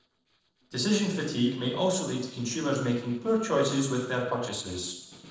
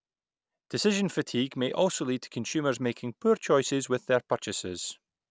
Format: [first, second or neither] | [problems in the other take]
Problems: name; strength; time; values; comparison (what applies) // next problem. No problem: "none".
second | noise reduction (neural separator model SepFormer DNS4)